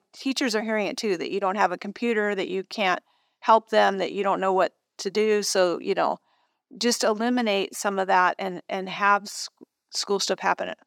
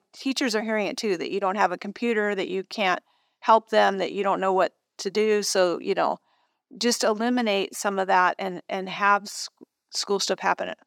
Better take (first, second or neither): neither